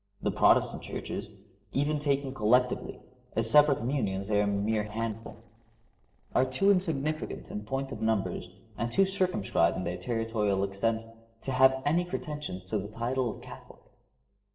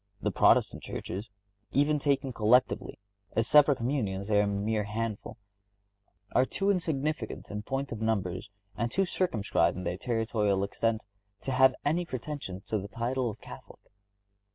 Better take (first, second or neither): second